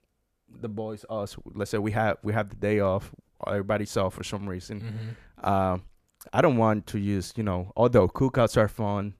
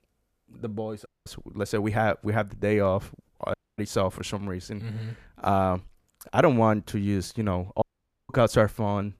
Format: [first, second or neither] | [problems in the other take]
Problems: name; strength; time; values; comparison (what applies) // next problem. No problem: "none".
first | audio cutting out; at 1 s, at 3.5 s and at 8 s